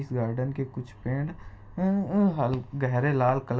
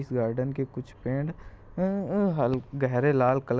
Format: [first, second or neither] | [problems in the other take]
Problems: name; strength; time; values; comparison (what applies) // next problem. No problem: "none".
second | room echo; dies away in 0.2 s